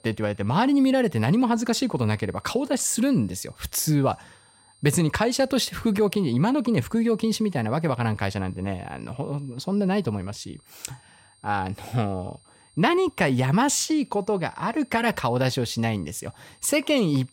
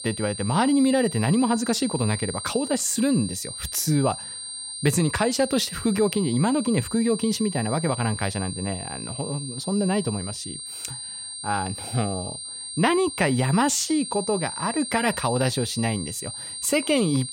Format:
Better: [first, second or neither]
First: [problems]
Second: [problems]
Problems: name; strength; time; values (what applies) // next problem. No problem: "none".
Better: first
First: high-pitched whine; faint; throughout; 9 kHz, 30 dB below the speech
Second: high-pitched whine; loud; throughout; 9 kHz, 8 dB below the speech